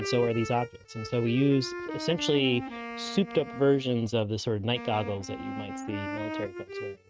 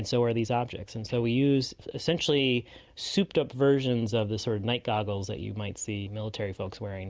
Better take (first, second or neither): second